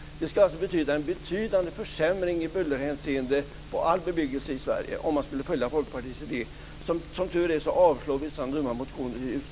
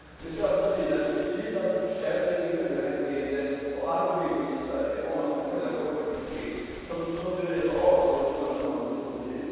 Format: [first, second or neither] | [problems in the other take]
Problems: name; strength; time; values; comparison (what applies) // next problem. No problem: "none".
first | background sound (Boat, Water vehicle); 18 dB below the speech // room echo; dies away in 2.2 s